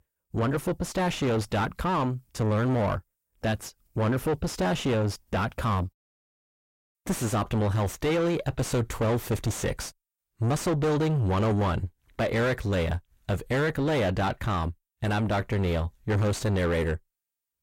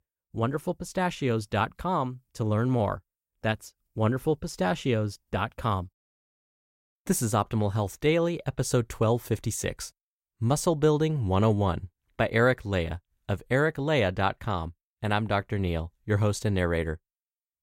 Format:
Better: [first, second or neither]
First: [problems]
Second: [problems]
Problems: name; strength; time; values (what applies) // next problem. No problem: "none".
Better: second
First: distortion; heavy; 4 dB below the speech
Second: none